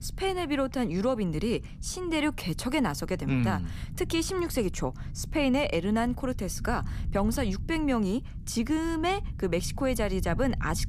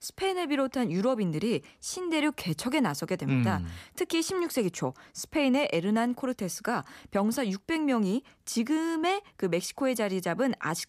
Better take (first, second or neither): second